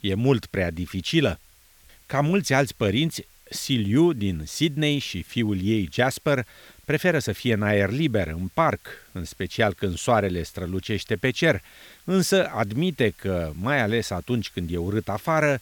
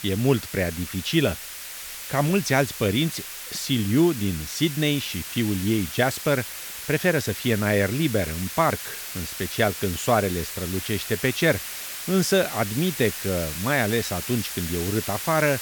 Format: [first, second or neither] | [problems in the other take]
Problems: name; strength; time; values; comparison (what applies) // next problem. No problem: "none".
first | hiss; loud; throughout; 8 dB below the speech; faint in the first